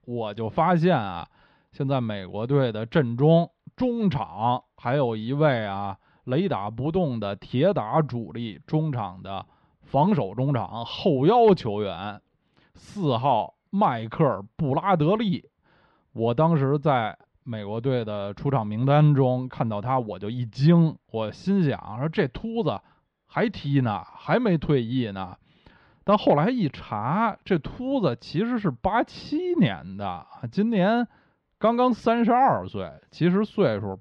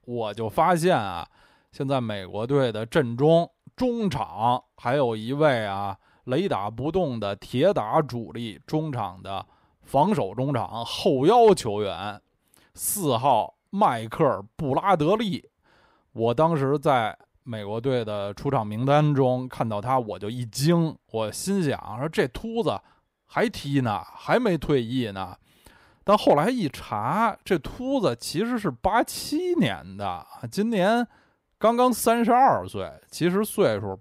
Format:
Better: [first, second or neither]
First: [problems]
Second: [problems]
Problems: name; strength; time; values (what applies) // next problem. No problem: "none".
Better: second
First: muffled; very slightly; fading above 4 kHz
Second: none